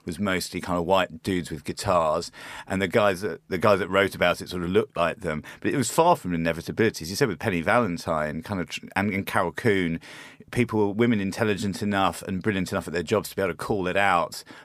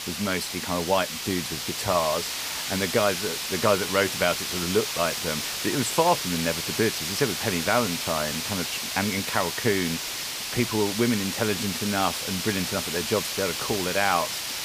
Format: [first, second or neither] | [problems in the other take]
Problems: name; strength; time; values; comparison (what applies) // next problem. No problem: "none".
first | hiss; loud; throughout; 2 dB below the speech